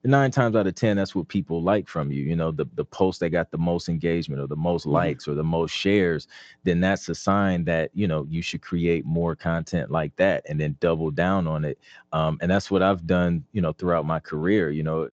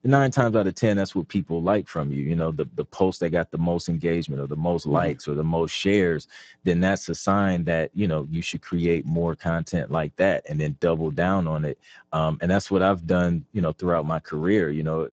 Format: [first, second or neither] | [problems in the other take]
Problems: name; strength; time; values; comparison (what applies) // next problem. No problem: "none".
first | garbled, watery; badly; nothing above 7.5 kHz; slightly in the first